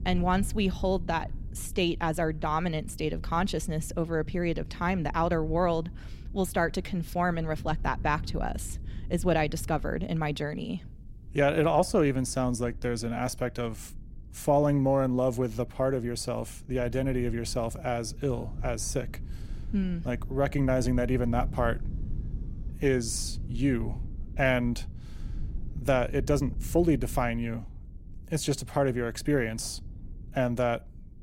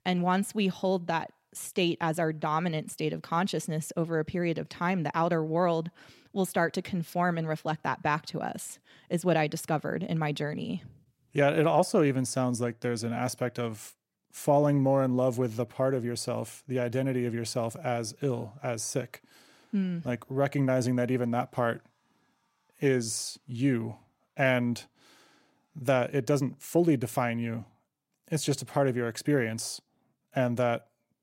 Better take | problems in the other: second | low rumble; faint; throughout; 25 dB below the speech

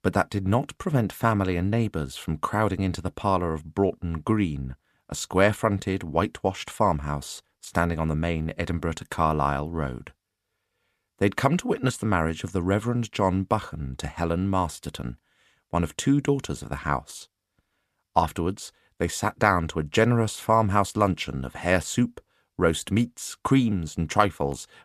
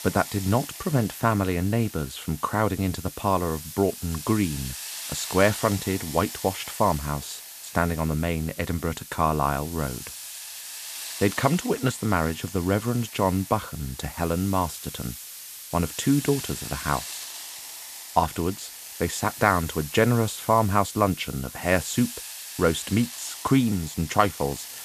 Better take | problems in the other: first | hiss; noticeable; throughout; 10 dB below the speech

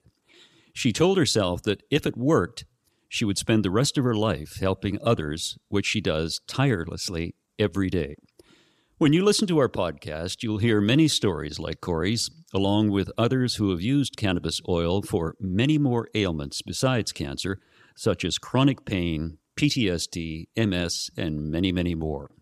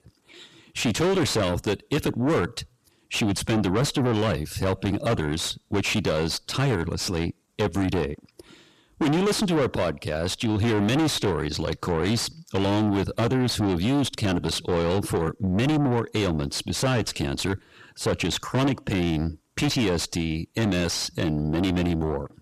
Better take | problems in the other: first | distortion; heavy; 6 dB below the speech

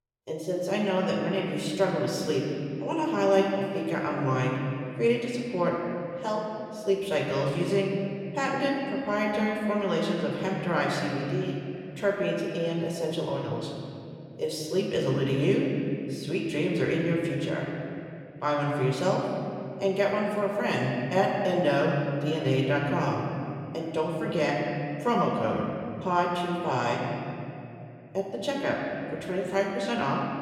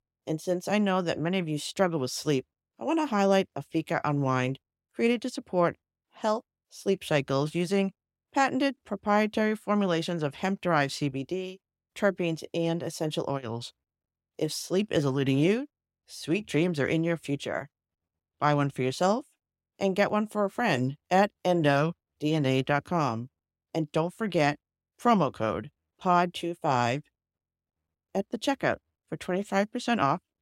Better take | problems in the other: second | room echo; noticeable; dies away in 2.5 s // off-mic speech; somewhat distant

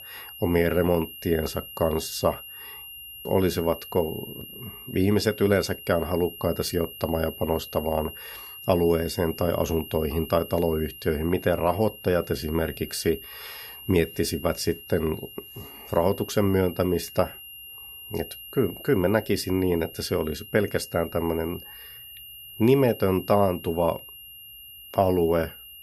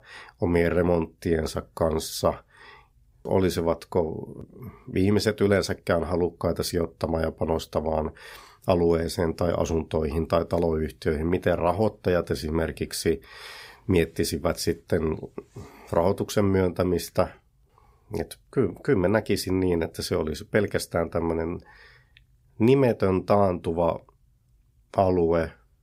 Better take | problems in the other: second | high-pitched whine; noticeable; throughout; 3 kHz, 15 dB below the speech

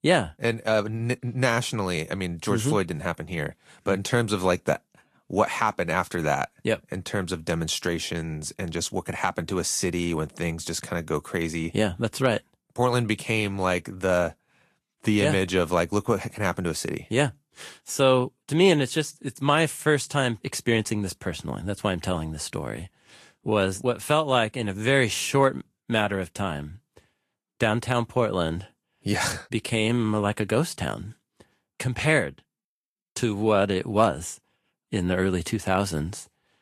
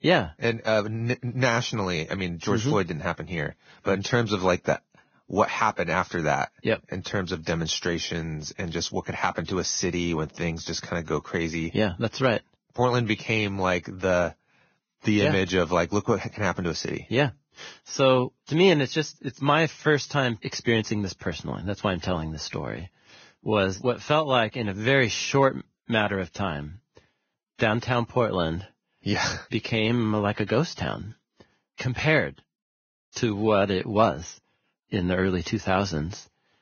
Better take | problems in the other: first | garbled, watery; badly; nothing above 6.5 kHz; slightly in the first

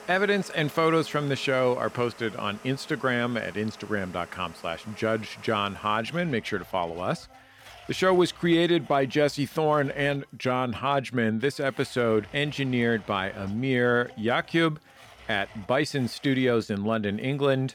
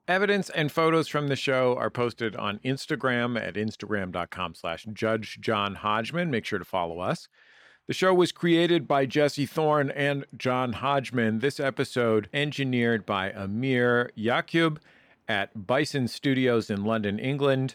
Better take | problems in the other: second | household noises; faint; throughout; 20 dB below the speech

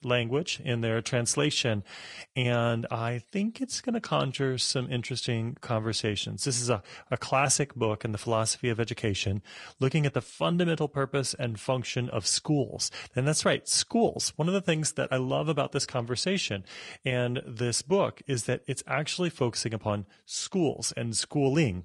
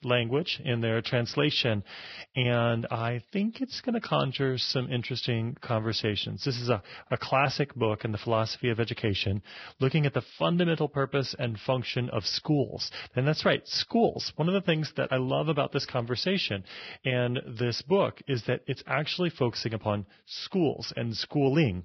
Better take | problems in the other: first | garbled, watery; badly; nothing above 5.5 kHz; slightly in the first

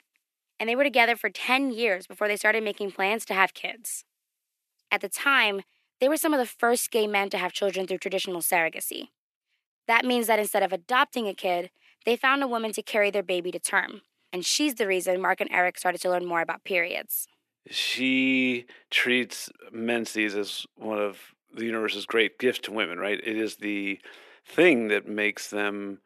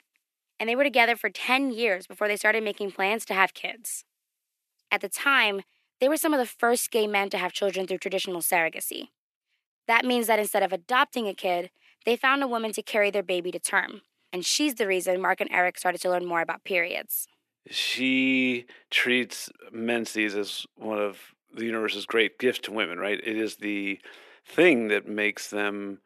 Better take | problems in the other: neither | thin; somewhat; fading below 400 Hz; the same in both

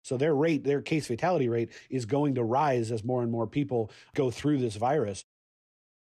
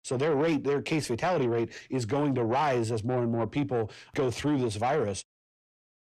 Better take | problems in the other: first | distortion; slight; 10 dB below the speech

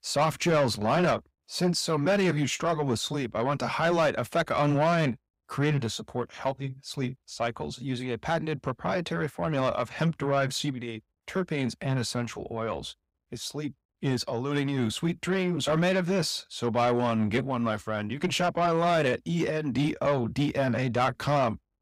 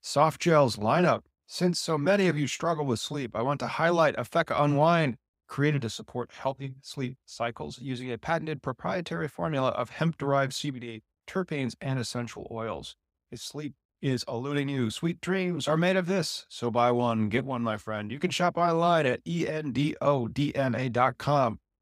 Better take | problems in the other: second | distortion; slight; 10 dB below the speech

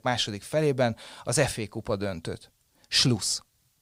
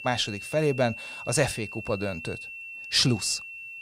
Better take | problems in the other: first | high-pitched whine; noticeable; throughout; 2.5 kHz, 10 dB below the speech

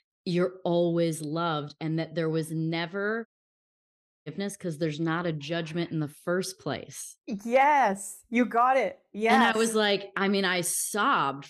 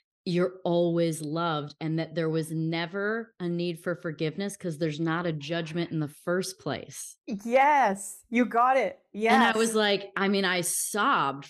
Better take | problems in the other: second | audio cutting out; at 3.5 s for 1 s

